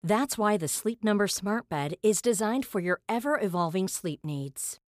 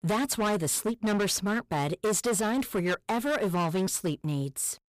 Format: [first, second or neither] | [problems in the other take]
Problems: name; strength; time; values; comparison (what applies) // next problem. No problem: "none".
first | distortion; heavy; 19% of the sound clipped